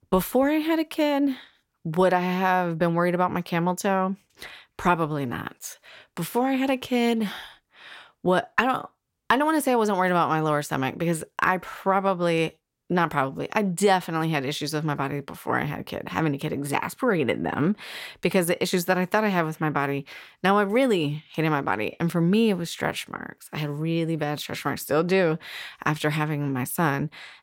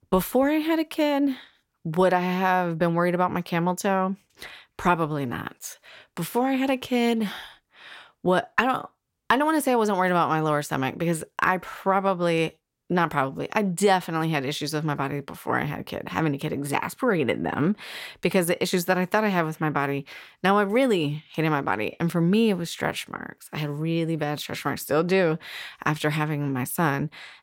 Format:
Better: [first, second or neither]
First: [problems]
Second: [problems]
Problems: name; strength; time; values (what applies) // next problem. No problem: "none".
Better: neither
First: none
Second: none